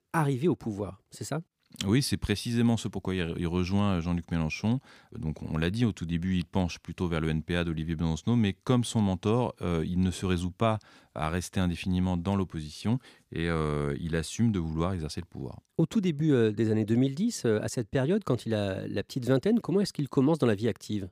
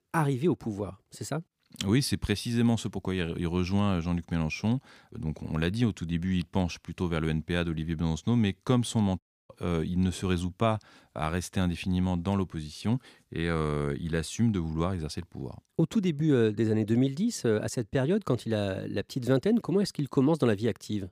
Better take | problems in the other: first | audio cutting out; at 9 s

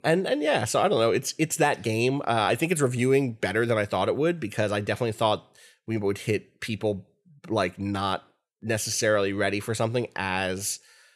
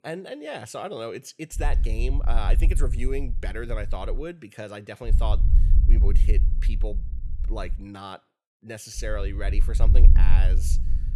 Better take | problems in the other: first | low rumble; noticeable; from 1.5 to 4 s, from 5 to 8 s and from 9 s on; 10 dB below the speech

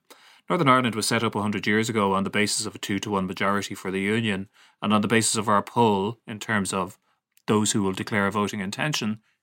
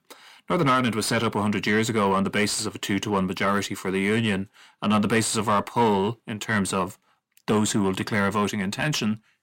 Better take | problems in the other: first | distortion; slight; 10 dB below the speech

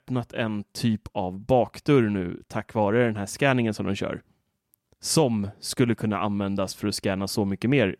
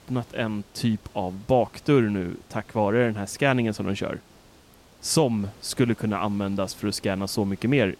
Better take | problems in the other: first | hiss; faint; throughout; 25 dB below the speech

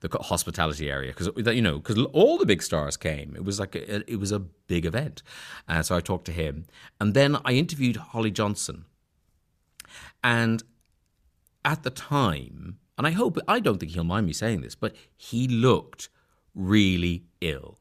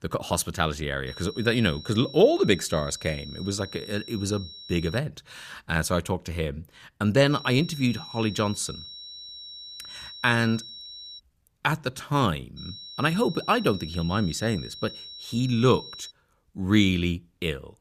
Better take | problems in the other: first | high-pitched whine; noticeable; from 1 to 5 s, from 7.5 to 11 s and from 13 to 16 s; 4 kHz, 15 dB below the speech

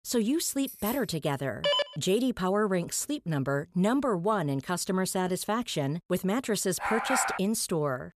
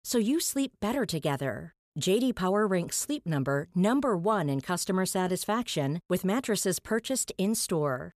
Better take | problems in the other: second | jangling keys; noticeable; at 0.5 s; peak 9 dB below the speech // phone ringing; loud; at 1.5 s; peak 2 dB above the speech // dog barking; loud; at 7 s; peak level with the speech

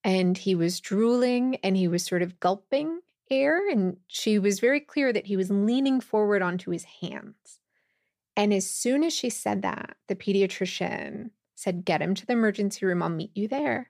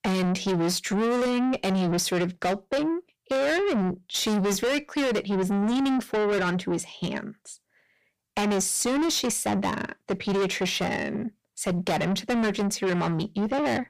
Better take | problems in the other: first | distortion; heavy; 6 dB below the speech

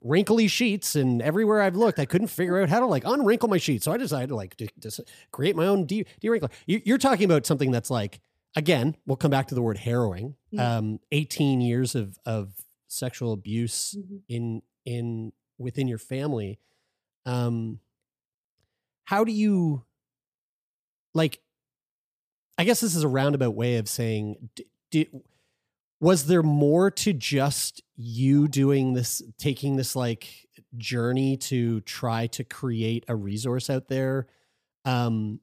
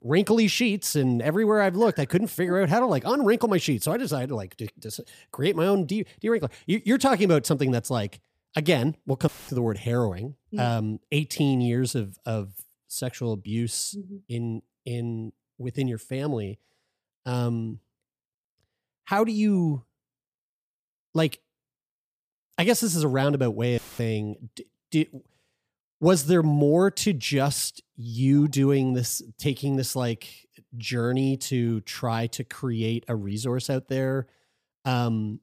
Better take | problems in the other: first | audio cutting out; filled with static; at 9.5 s and at 24 s

